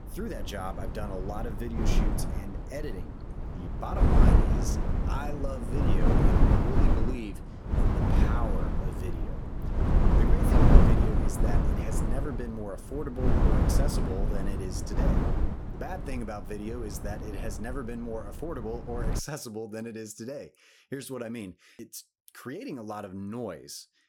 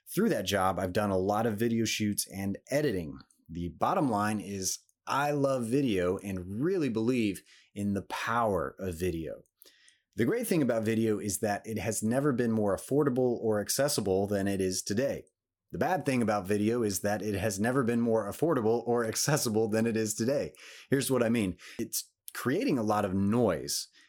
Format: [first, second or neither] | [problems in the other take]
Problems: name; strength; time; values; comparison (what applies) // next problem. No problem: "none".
second | wind noise on the microphone; heavy; until 19 s; 3 dB above the speech